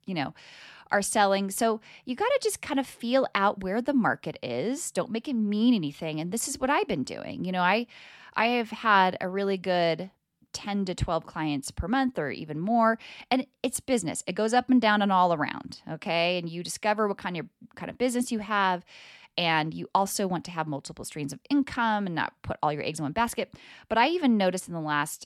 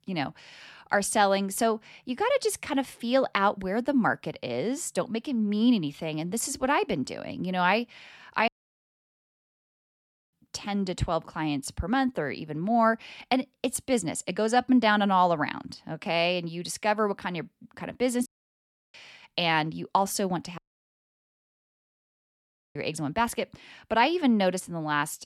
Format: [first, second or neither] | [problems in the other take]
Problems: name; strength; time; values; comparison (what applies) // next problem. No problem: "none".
first | audio cutting out; at 8.5 s for 2 s, at 18 s for 0.5 s and at 21 s for 2 s